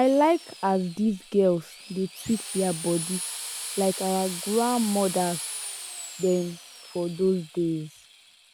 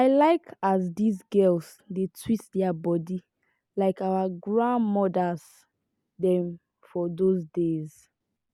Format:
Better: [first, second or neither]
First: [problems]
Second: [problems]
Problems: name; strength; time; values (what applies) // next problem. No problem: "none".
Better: second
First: background sound (Drill); 11 dB below the speech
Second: none